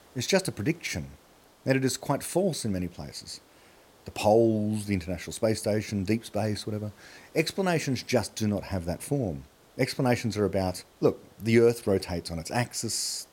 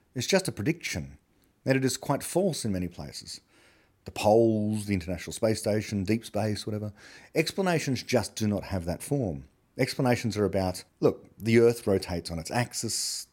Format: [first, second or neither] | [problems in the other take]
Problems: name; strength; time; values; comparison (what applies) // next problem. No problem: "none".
second | hiss; faint; throughout; 30 dB below the speech